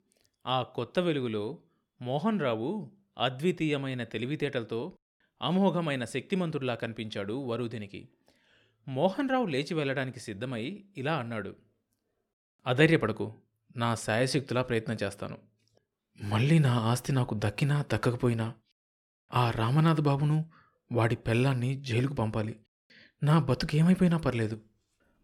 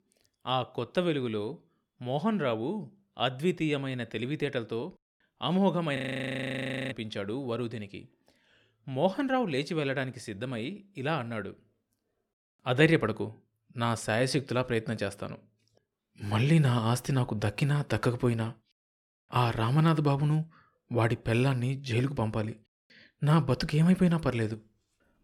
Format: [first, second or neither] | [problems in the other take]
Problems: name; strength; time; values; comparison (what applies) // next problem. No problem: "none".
first | audio freezing; at 6 s for 1 s